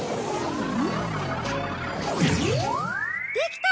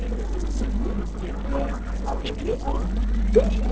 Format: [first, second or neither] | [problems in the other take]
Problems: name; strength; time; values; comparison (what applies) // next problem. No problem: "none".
first | noise reduction (neural separator model SepFormer DNS4)